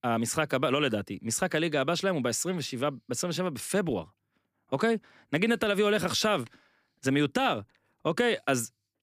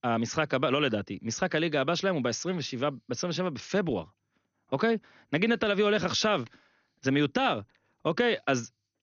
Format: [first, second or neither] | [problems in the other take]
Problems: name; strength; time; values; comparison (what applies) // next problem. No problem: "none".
first | garbled, watery; slightly; nothing above 6.5 kHz